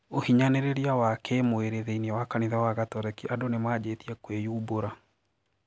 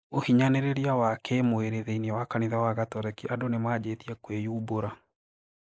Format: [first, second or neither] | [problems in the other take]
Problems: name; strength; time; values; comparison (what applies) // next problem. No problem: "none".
first | noise reduction (neural mask model Resemble Enhance denoiser)